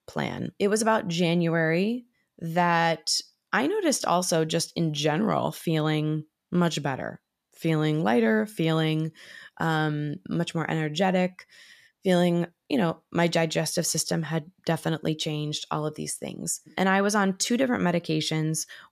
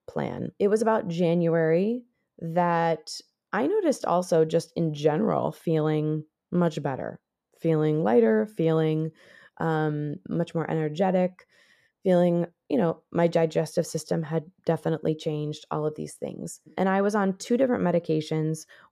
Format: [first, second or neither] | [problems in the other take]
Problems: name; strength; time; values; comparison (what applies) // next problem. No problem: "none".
first | muffled; slightly; fading above 1.5 kHz